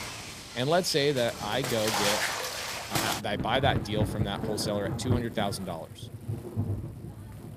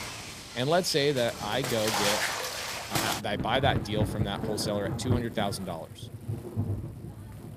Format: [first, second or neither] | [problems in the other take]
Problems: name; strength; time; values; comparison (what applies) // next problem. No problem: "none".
neither | rain or running water; loud; throughout; 3 dB below the speech; the same in both